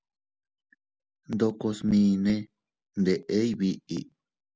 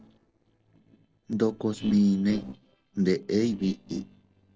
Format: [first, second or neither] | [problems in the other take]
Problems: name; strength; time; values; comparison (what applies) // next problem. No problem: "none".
first | noise reduction (neural separator model SepFormer DNS4)